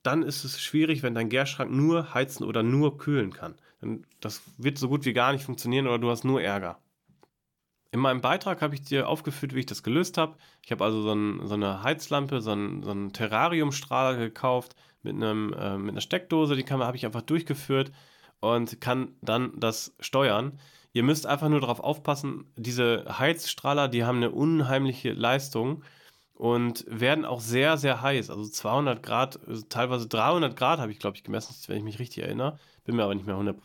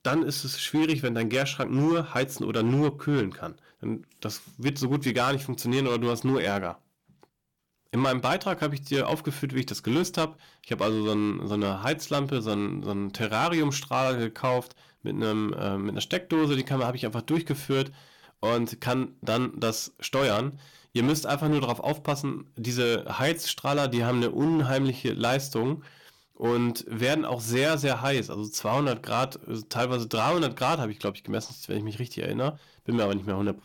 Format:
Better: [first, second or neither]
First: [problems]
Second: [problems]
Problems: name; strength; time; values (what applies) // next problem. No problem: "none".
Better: first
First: none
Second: distortion; slight; 7% of the sound clipped